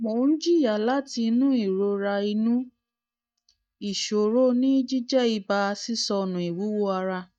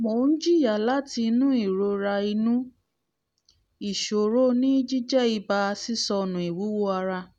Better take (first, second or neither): second